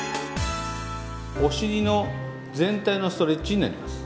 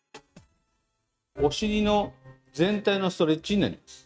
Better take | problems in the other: first | noise reduction (neural mask model RNNoise)

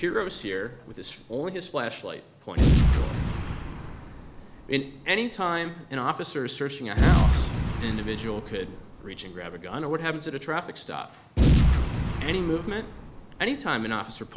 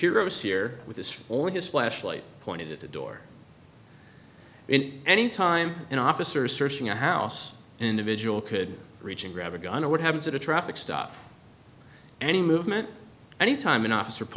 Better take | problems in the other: second | background sound (Boom); 4 dB above the speech

